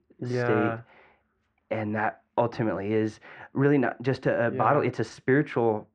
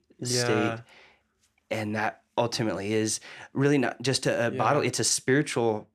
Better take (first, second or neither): second